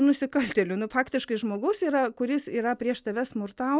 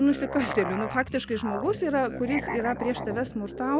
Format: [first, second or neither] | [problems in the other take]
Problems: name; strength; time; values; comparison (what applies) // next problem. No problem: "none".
first | background sound (Musical instrument); 8 dB below the speech